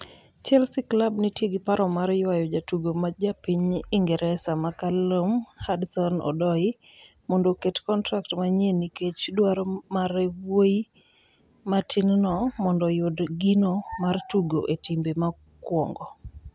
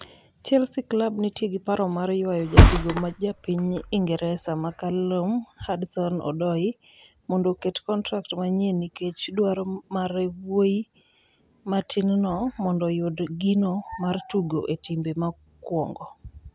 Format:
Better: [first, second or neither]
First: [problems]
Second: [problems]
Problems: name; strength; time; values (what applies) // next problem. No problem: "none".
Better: first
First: none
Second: background sound (Thump, thud); 5 dB above the speech